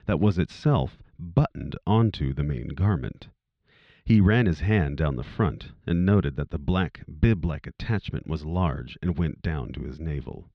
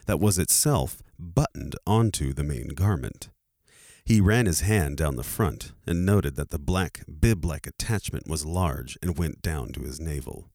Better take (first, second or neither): second